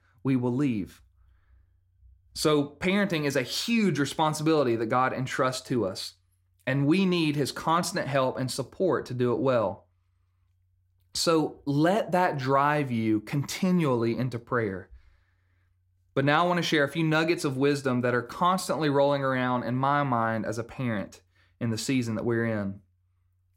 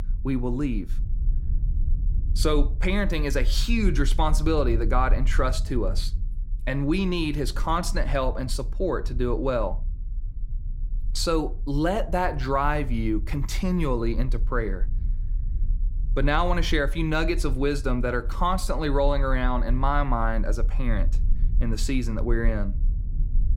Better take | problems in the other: first | low rumble; faint; throughout; 25 dB below the speech

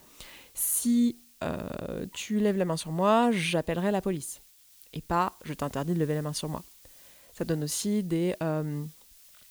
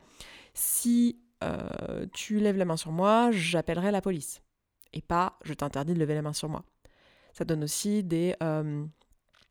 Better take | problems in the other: second | hiss; faint; throughout; 25 dB below the speech

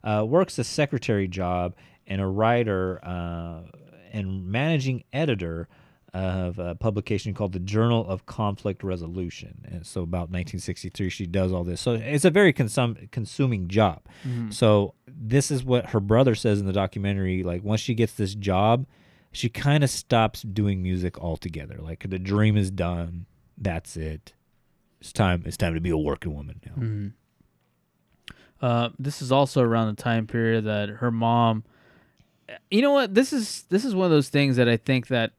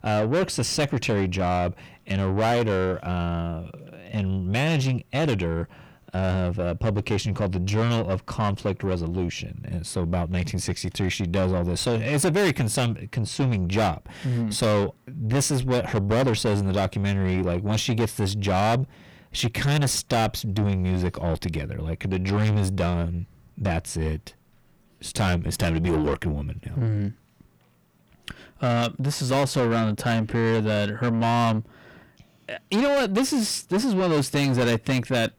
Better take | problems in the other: first | distortion; heavy; 6 dB below the speech

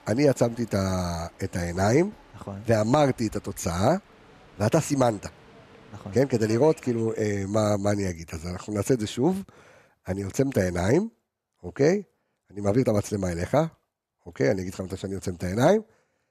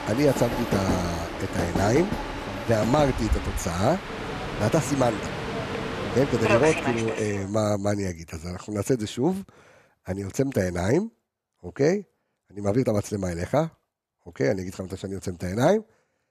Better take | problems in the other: first | train or aircraft noise; loud; until 7 s; 4 dB below the speech; faint in the first

